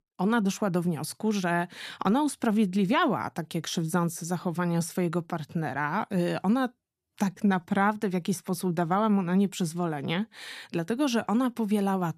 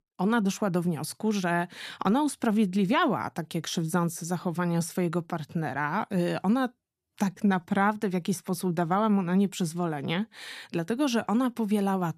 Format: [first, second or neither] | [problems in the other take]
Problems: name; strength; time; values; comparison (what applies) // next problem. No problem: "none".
neither | none